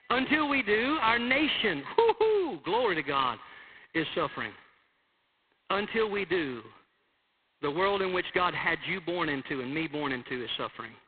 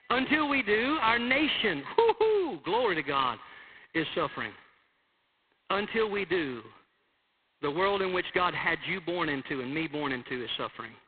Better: neither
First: phone-call audio; poor line; nothing above 4 kHz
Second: phone-call audio; poor line; nothing above 4 kHz

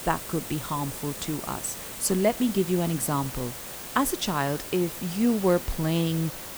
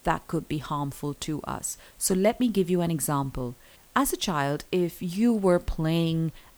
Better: second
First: hiss; loud; throughout; 8 dB below the speech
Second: hiss; faint; throughout; 30 dB below the speech

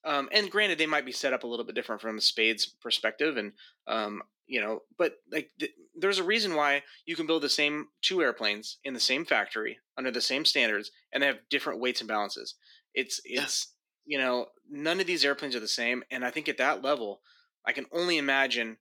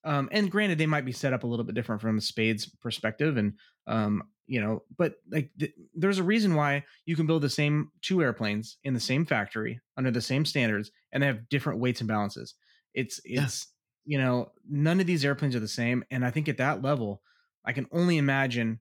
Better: second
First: thin; somewhat; fading below 300 Hz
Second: none

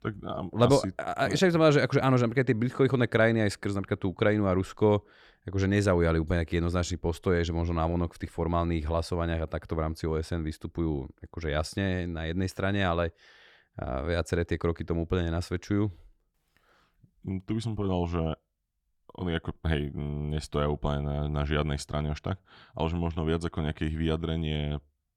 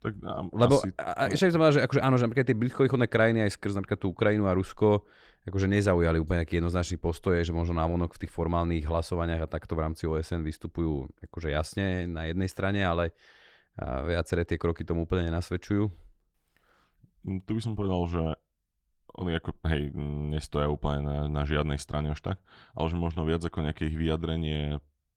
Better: first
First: none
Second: garbled, watery; slightly; nothing above 15.5 kHz

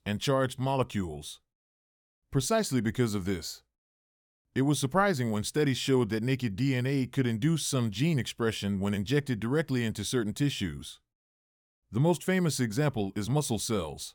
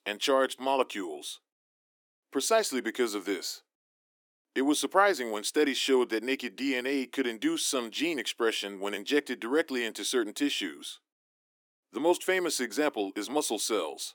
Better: first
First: none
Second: thin; somewhat; fading below 300 Hz

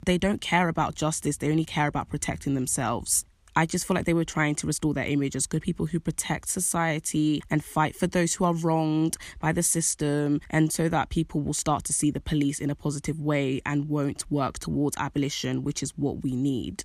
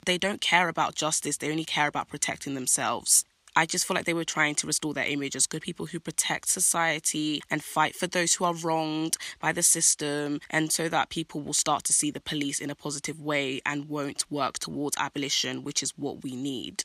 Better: first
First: none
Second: thin; somewhat; fading below 1 kHz

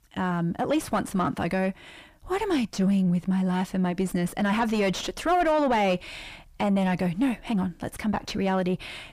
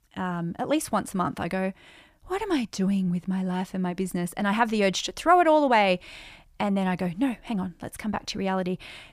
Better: second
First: distortion; heavy; 7 dB below the speech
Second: none

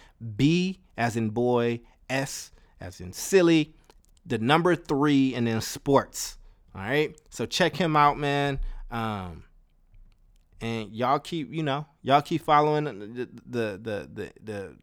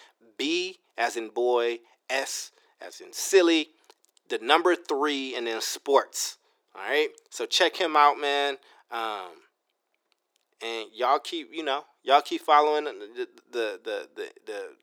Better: first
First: none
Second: thin; very; fading below 350 Hz

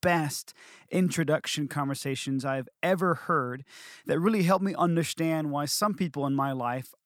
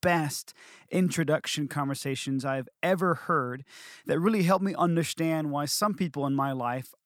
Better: neither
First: none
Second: none

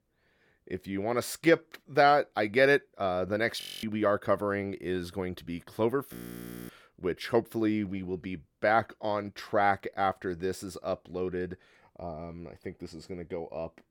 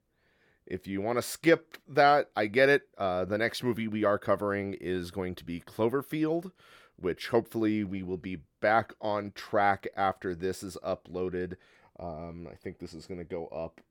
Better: second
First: audio freezing; at 3.5 s and at 6 s for 0.5 s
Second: none

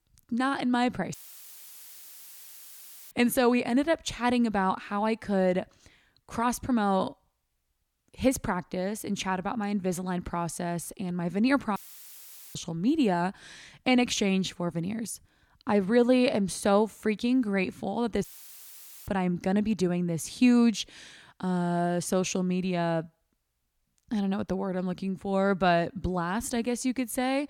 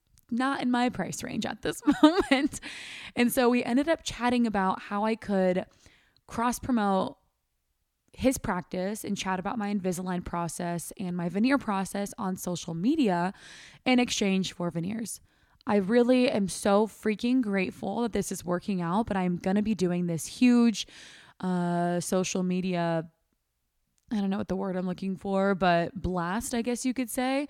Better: second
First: audio cutting out; filled with static; at 1 s for 2 s, at 12 s for 1 s and at 18 s for 1 s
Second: none

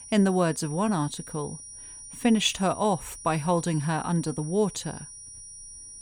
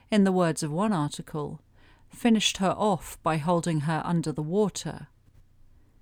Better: second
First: high-pitched whine; noticeable; throughout; 9.5 kHz, 15 dB below the speech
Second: none

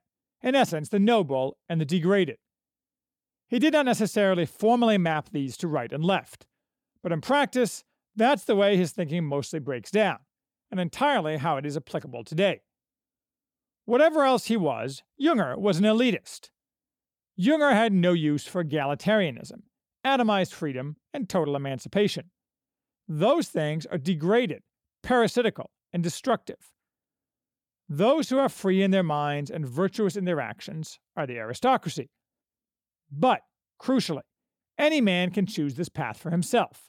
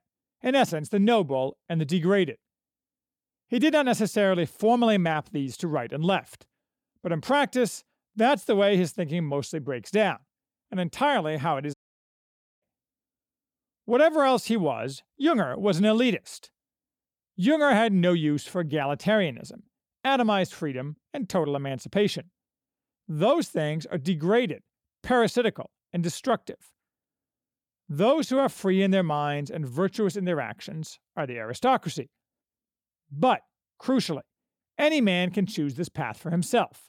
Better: first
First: none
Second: audio cutting out; at 12 s for 1 s

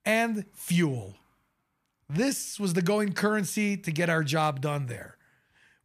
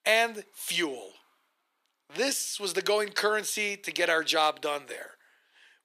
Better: first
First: none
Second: thin; very; fading below 350 Hz

